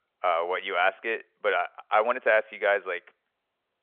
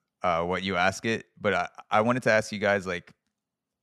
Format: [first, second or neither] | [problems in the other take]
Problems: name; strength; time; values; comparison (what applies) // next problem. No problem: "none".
second | phone-call audio; nothing above 3.5 kHz